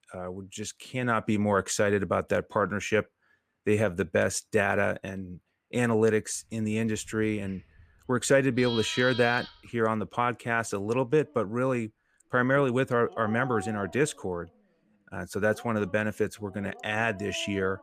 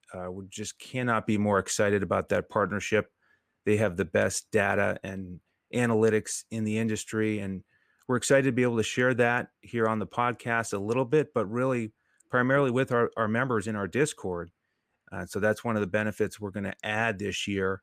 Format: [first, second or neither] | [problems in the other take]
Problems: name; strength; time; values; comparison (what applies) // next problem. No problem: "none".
second | animal sounds; noticeable; from 6.5 s on; 15 dB below the speech